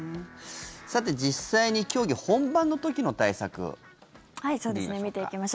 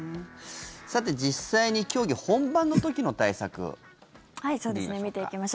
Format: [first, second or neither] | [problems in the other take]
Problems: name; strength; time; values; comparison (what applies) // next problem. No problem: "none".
first | background sound (Whoosh, swoosh, swish); 2 dB above the speech